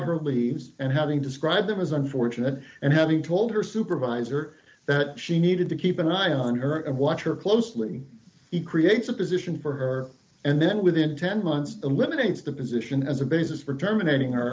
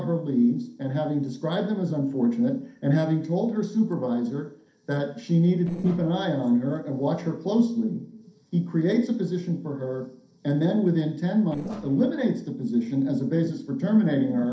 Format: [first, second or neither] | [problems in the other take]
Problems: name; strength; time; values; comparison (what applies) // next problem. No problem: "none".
first | noise reduction (neural separator model SepFormer DNS4)